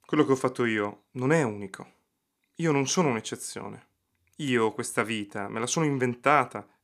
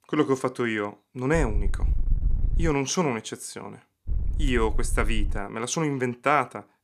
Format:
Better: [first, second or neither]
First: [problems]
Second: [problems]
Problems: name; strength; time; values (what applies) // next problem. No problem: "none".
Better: first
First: none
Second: wind noise on the microphone; occasional gusts; from 1.5 to 2.5 s and from 4 to 5.5 s; 20 dB below the speech